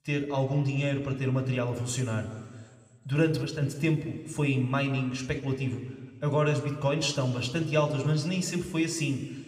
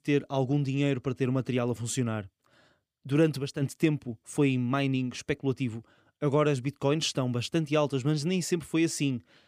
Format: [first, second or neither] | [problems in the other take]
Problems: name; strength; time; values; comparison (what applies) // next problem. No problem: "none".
second | room echo; slight; dies away in 1.6 s